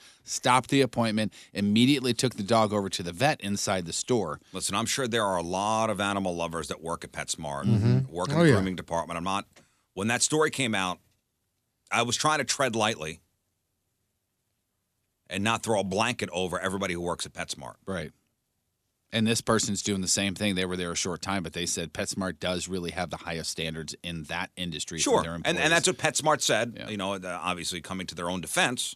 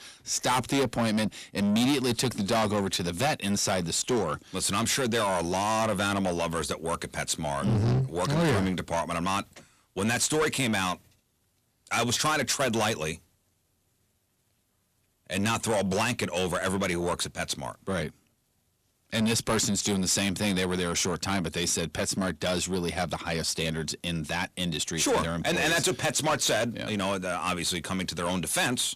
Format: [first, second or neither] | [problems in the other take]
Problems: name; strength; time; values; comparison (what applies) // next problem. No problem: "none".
first | distortion; heavy; 7 dB below the speech